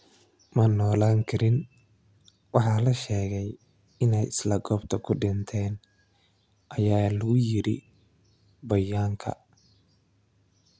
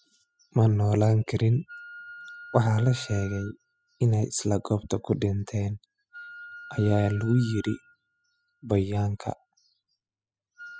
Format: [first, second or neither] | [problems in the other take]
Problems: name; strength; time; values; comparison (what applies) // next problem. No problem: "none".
first | noise reduction (classical method spectral subtraction)